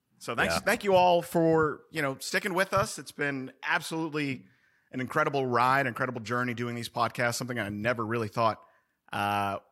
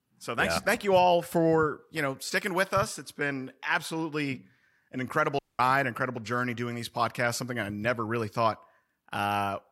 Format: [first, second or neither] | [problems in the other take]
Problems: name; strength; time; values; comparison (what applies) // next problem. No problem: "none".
first | audio cutting out; at 5.5 s